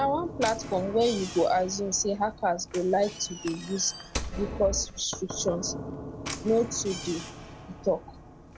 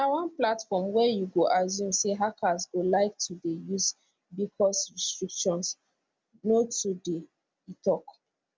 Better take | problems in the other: second | background sound (Knock / Slam); 10 dB below the speech

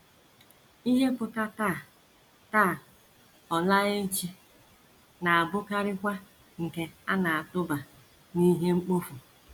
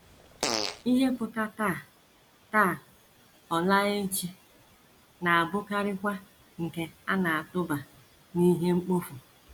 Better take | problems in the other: first | background sound (Fart); 5 dB below the speech

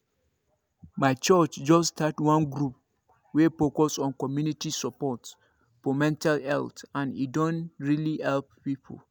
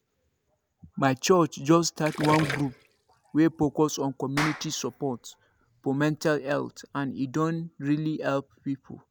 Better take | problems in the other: first | background sound (Gurgling + Clapping); 11 dB below the speech

